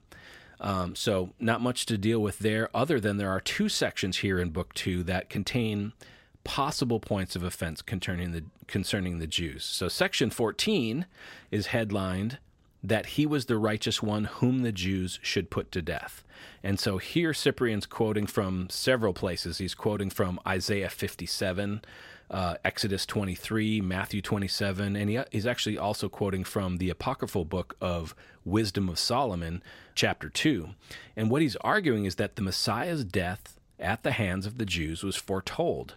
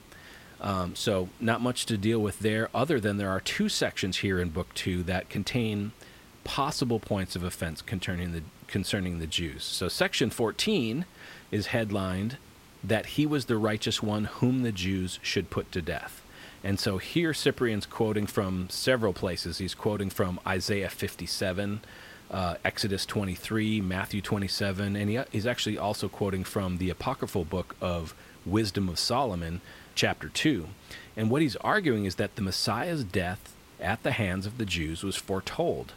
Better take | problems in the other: first | hiss; faint; throughout; 25 dB below the speech

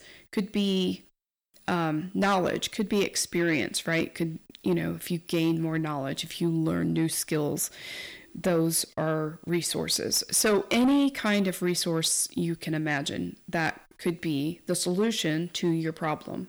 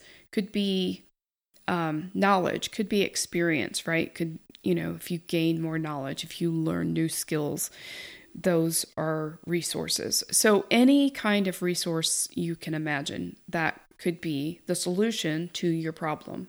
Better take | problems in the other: second | distortion; slight; 10 dB below the speech

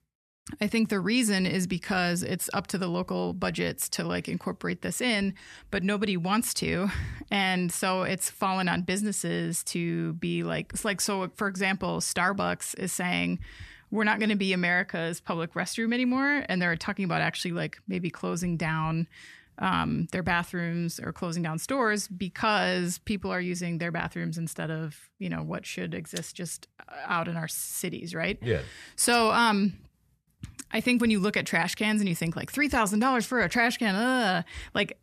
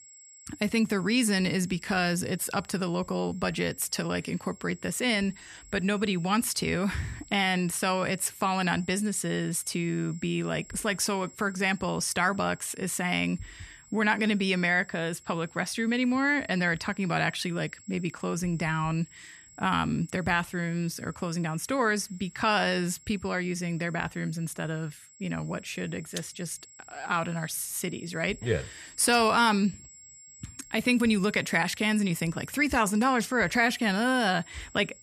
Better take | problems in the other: first | high-pitched whine; faint; throughout; 7.5 kHz, 20 dB below the speech

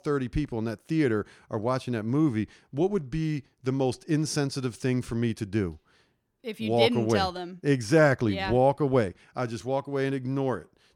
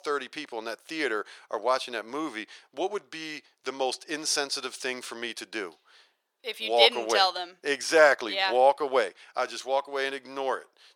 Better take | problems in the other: first | thin; very; fading below 550 Hz

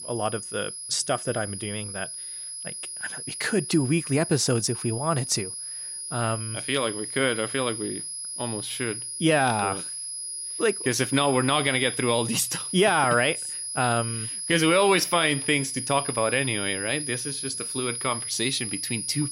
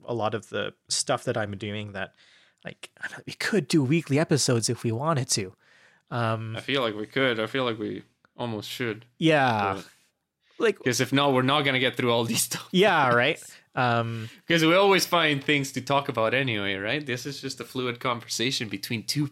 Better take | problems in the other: second | high-pitched whine; loud; throughout; 10.5 kHz, 6 dB below the speech

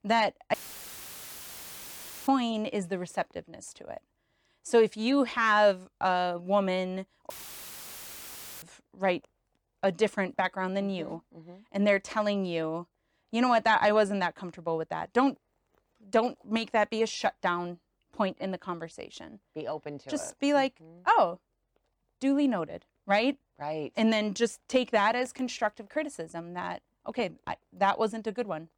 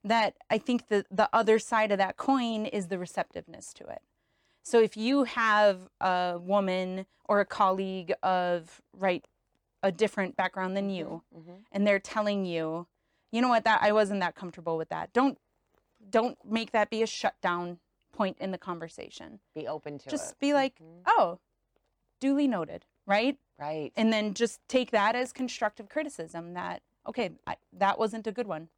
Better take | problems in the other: second | audio cutting out; filled with static; at 0.5 s for 1.5 s and at 7.5 s for 1.5 s

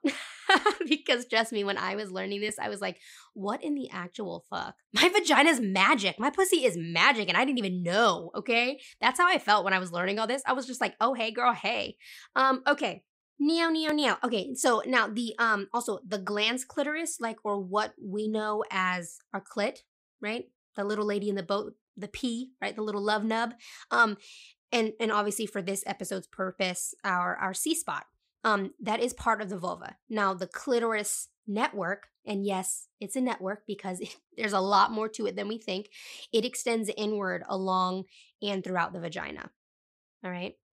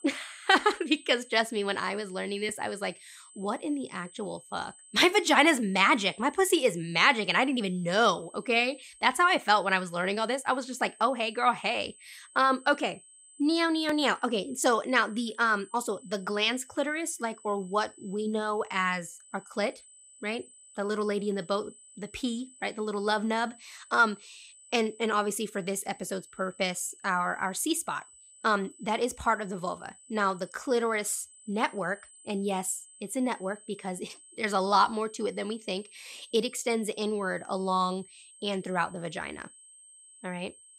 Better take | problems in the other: first | high-pitched whine; faint; throughout; 8 kHz, 25 dB below the speech

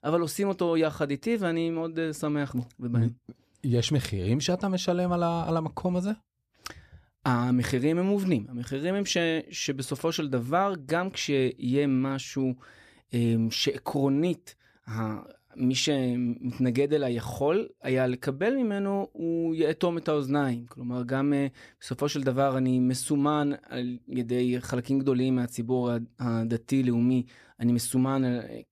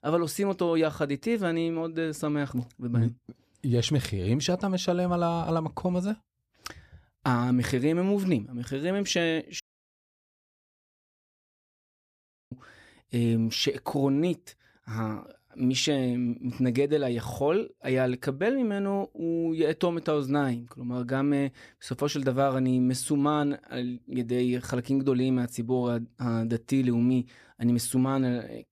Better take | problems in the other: first | audio cutting out; at 9.5 s for 3 s

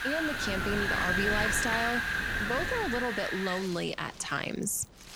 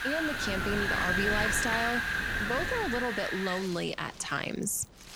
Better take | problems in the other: neither | wind in the background; very loud; throughout; 3 dB above the speech; the same in both

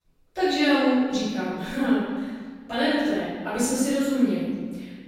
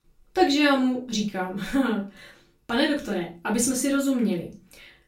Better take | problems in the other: second | room echo; strong; dies away in 1.6 s; slight in the second // off-mic speech; far; far in the second

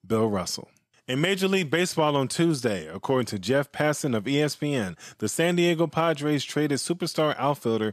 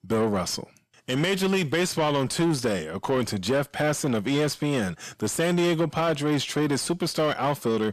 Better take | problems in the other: first | distortion; slight; 10 dB below the speech

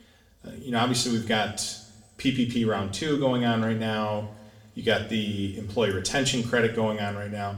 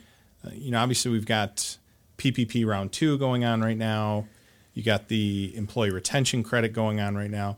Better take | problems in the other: second | room echo; very slight; dies away in 0.6 s // off-mic speech; somewhat distant

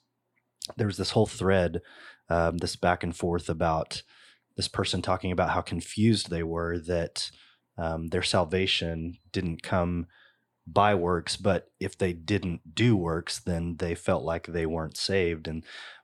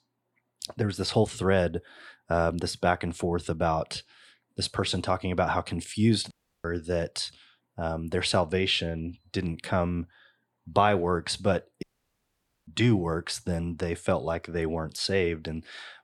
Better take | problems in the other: first | audio cutting out; at 6.5 s and at 12 s for 1 s

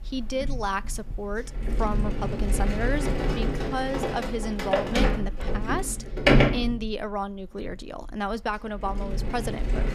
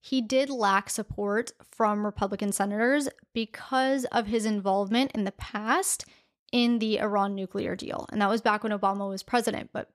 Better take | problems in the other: second | household noises; very loud; throughout; 4 dB above the speech

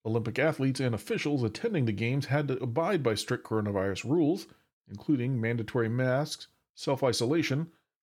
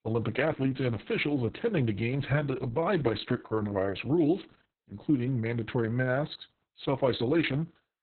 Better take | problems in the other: first | garbled, watery; badly; nothing above 4 kHz

